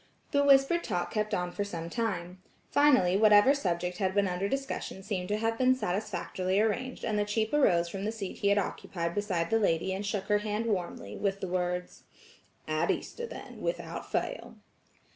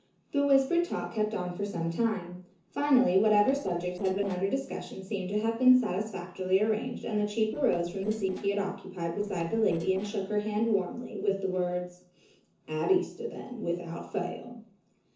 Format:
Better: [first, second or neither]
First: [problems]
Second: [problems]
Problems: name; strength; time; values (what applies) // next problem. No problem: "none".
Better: first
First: none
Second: noise reduction (neural separator model SepFormer DNS4)